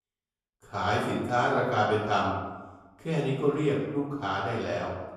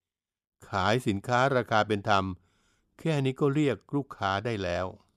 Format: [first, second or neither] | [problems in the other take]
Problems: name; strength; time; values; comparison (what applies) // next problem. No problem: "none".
second | room echo; noticeable; dies away in 0.9 s // off-mic speech; far